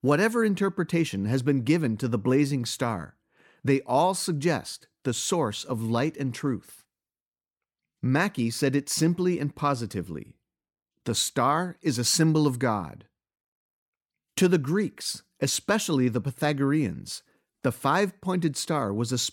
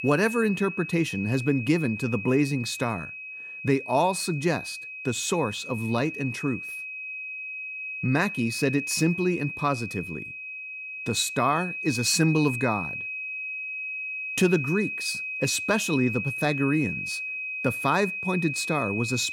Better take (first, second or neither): first